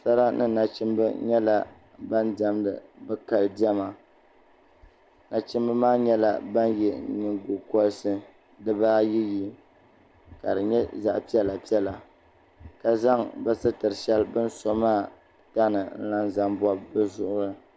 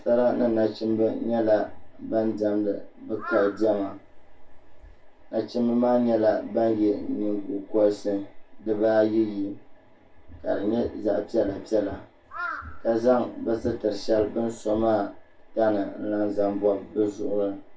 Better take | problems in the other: first | background sound (Crow); 14 dB below the speech // room echo; dies away in 0.2 s

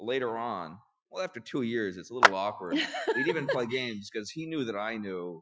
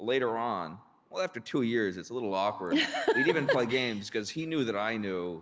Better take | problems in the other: second | noise reduction (classical method Wiener filter)

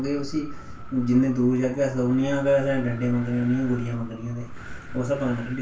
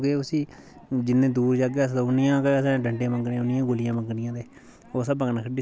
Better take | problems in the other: second | background sound (Wind); 19 dB below the speech // room echo; dies away in 0.3 s

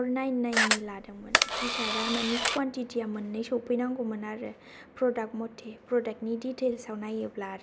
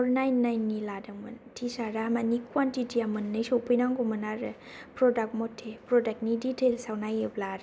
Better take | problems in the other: second | background sound (Camera); 3 dB above the speech

